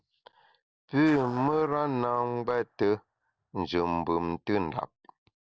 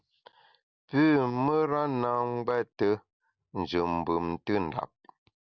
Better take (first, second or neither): second